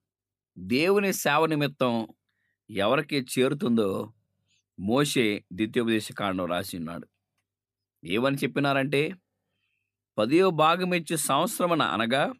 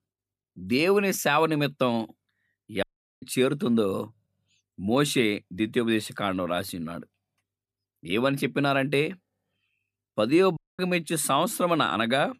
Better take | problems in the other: first | audio cutting out; at 3 s and at 11 s

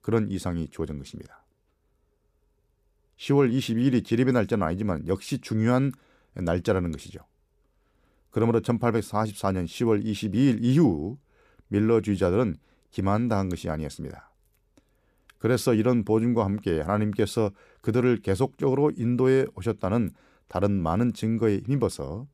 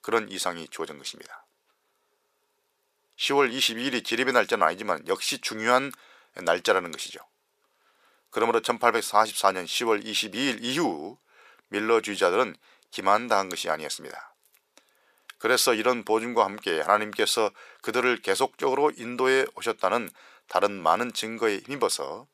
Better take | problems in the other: first | thin; very; fading below 750 Hz

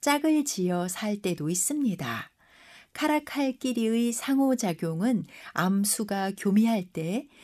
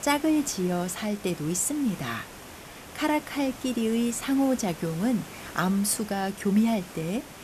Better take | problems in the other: first | hiss; noticeable; throughout; 15 dB below the speech

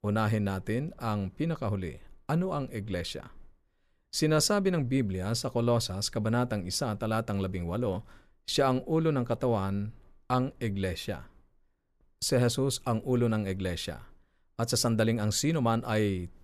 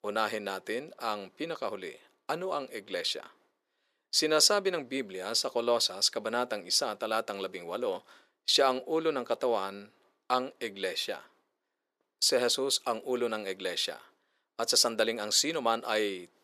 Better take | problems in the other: first | thin; very; fading below 350 Hz

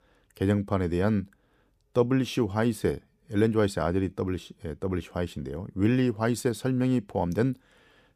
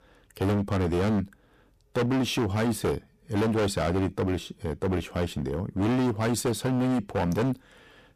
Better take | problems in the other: first | distortion; heavy; 21% of the sound clipped

